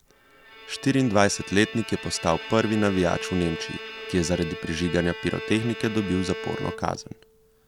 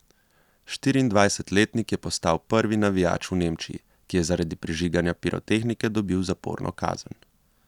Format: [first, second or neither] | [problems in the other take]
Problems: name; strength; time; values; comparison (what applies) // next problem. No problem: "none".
second | background sound (Bowed string instrument); 11 dB below the speech